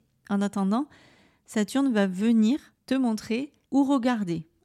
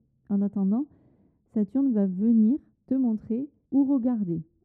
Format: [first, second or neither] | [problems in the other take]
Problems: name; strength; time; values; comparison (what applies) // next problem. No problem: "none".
first | muffled; very; fading above 1 kHz